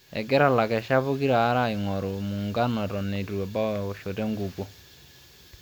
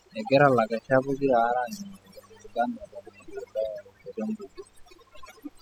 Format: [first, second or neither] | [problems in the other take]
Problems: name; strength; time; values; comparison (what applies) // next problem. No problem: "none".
first | noise reduction (classical method spectral subtraction)